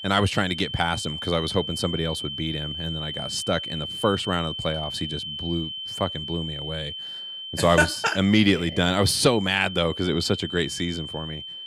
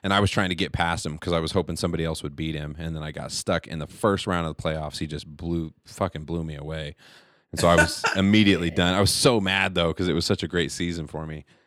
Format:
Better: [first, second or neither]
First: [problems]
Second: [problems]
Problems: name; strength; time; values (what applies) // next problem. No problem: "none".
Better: second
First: high-pitched whine; loud; throughout; 3 kHz, 7 dB below the speech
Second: none